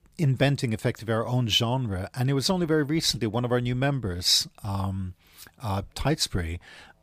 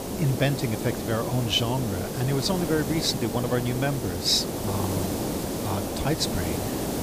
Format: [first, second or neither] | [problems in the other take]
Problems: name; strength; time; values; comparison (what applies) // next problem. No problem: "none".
first | hiss; loud; throughout; 3 dB below the speech